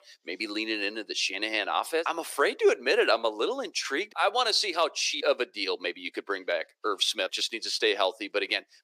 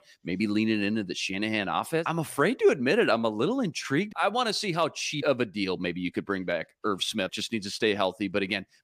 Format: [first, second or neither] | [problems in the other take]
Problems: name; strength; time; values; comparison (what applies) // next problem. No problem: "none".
second | thin; very; fading below 350 Hz